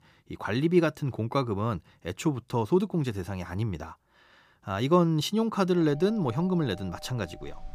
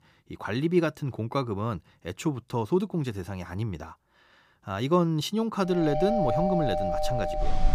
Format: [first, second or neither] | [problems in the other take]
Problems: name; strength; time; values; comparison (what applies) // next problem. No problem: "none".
first | alarms or sirens; loud; from 6 s on; as loud as the speech; faint in the first